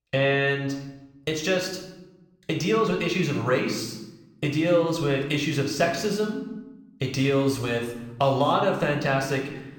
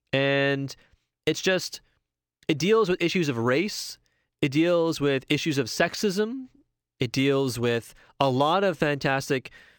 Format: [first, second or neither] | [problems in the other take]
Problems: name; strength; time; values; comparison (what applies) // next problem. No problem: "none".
second | room echo; slight; dies away in 0.8 s // off-mic speech; somewhat distant